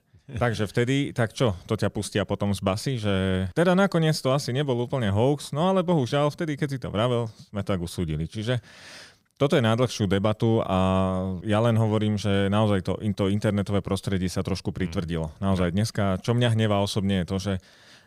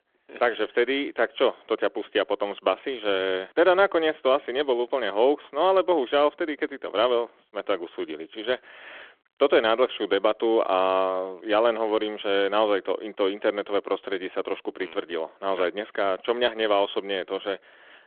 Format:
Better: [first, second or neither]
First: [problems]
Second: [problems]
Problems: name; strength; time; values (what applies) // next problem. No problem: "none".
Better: first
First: none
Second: phone-call audio